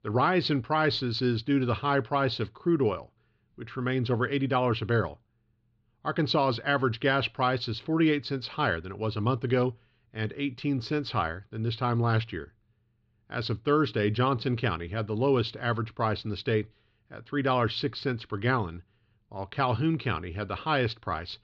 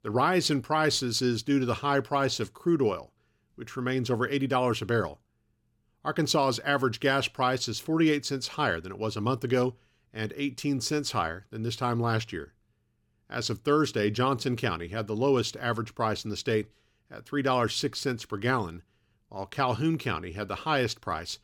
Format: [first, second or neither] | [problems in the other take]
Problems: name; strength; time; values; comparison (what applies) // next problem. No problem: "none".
second | muffled; very slightly; fading above 4 kHz